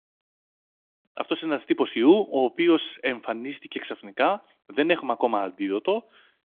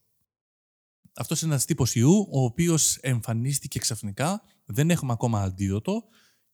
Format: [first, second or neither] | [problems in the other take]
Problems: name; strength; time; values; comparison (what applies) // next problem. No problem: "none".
second | phone-call audio; nothing above 3.5 kHz